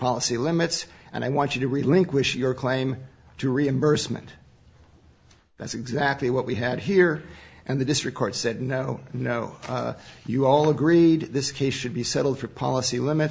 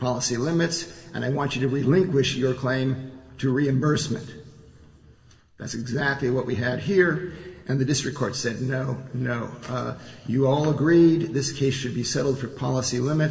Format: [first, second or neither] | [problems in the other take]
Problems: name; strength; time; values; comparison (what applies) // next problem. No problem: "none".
first | room echo; dies away in 1.4 s